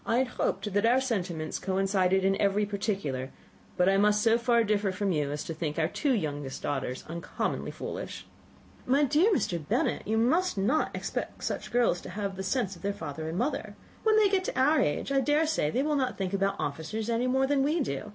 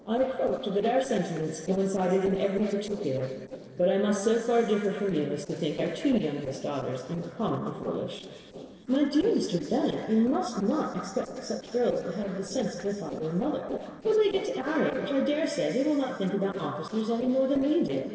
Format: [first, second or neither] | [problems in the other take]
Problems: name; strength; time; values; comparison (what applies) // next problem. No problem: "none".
first | noise reduction (neural separator model SepFormer DNS4)